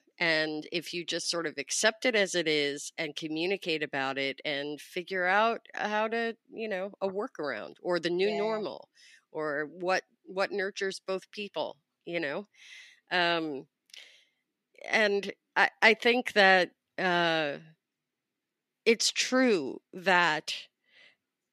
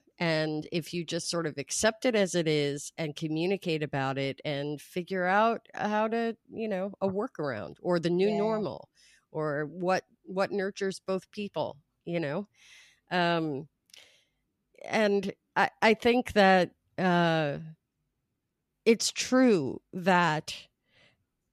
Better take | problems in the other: second | thin; very slightly; fading below 300 Hz

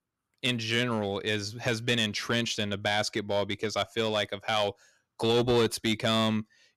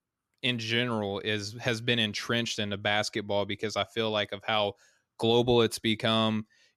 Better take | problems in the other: second | distortion; slight; 3% of the sound clipped

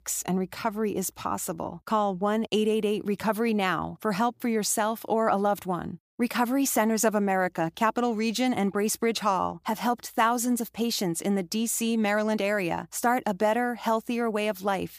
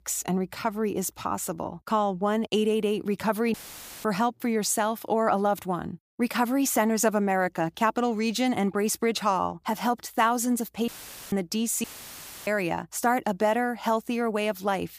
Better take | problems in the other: first | audio cutting out; filled with static; at 3.5 s for 0.5 s, at 11 s and at 12 s for 0.5 s

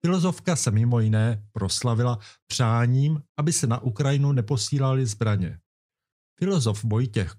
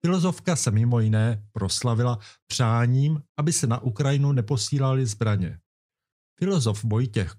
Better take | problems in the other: neither | none

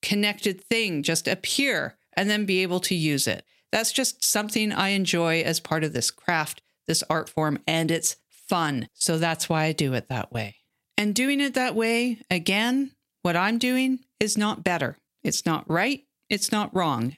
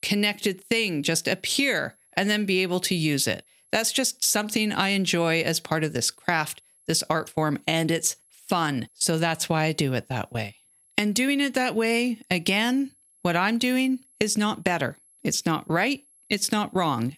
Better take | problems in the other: first | high-pitched whine; faint; throughout; 11 kHz, 35 dB below the speech

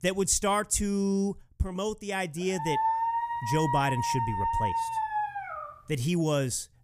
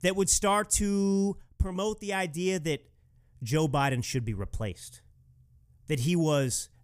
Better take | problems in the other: second | dog barking; loud; from 2.5 to 5.5 s; peak 2 dB above the speech

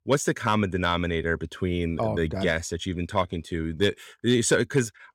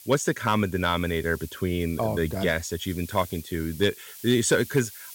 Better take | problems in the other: first | hiss; noticeable; throughout; 15 dB below the speech

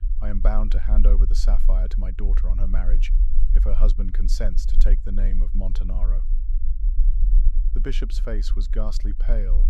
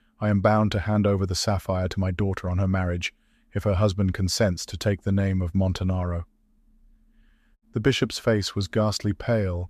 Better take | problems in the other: second | low rumble; noticeable; throughout; 10 dB below the speech

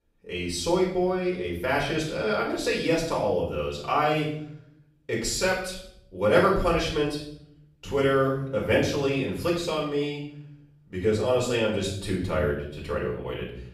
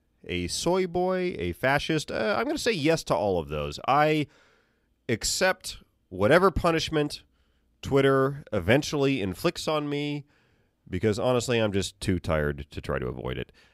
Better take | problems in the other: second | off-mic speech; far // room echo; noticeable; dies away in 0.6 s

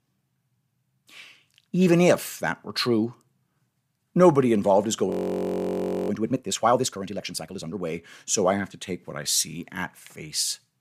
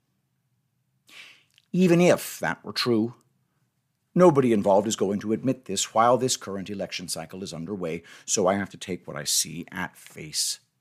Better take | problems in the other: second | audio freezing; at 5 s for 1 s

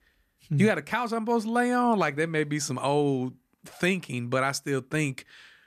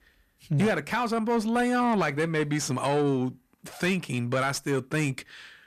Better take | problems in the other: first | distortion; slight; 10 dB below the speech

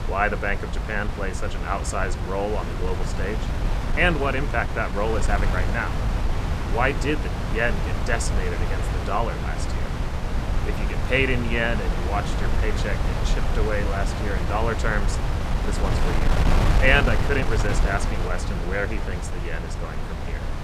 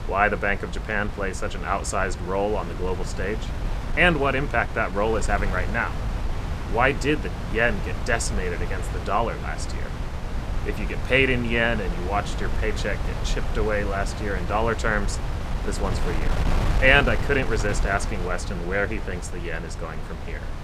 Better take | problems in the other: second | wind noise on the microphone; heavy; 6 dB below the speech; occasional gusts in the second

